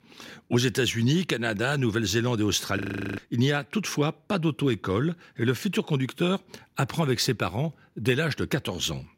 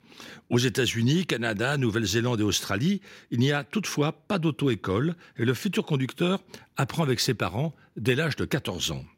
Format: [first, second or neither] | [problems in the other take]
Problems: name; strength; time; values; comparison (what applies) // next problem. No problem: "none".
second | audio freezing; at 3 s